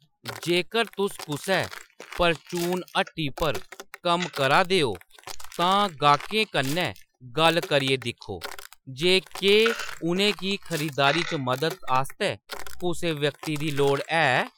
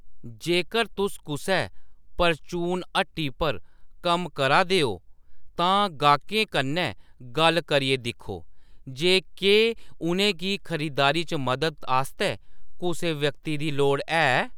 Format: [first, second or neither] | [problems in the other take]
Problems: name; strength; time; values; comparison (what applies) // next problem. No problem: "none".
second | noise reduction (classical method Wiener filter)